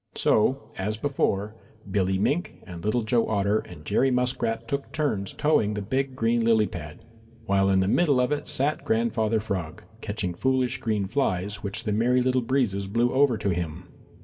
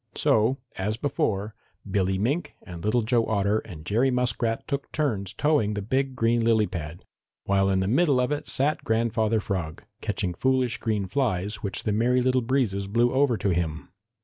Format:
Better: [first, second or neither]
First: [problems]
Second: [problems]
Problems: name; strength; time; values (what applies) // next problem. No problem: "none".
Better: second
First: room echo; dies away in 1.9 s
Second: none